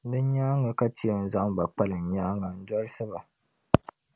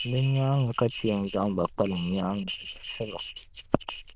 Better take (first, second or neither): first